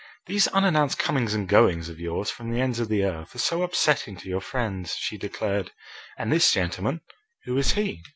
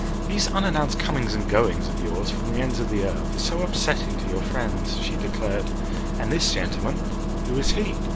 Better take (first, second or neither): first